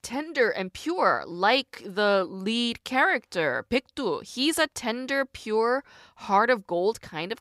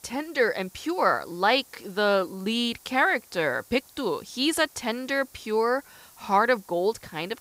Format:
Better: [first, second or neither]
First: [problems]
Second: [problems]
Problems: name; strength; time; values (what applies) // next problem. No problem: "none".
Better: first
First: none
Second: hiss; faint; throughout; 25 dB below the speech